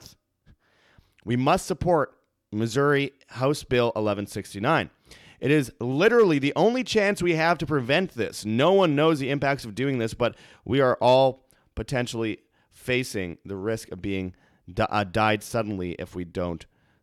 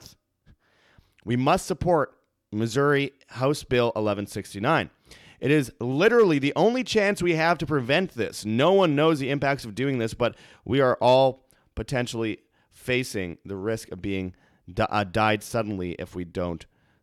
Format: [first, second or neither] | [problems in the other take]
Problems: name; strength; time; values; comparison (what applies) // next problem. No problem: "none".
neither | none